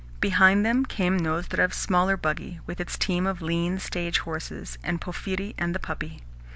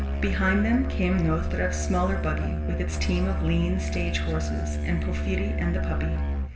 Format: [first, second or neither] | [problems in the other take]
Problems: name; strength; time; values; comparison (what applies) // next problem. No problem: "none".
first | background sound (Musical instrument); as loud as the speech // room echo; dies away in 0.7 s